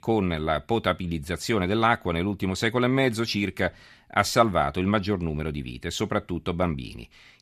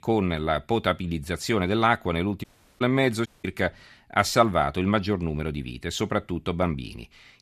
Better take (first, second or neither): first